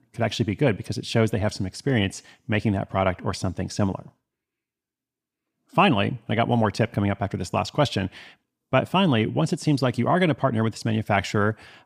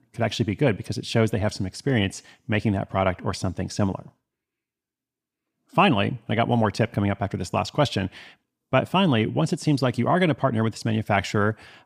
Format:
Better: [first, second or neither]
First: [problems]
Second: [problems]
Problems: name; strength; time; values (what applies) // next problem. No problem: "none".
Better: neither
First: none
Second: none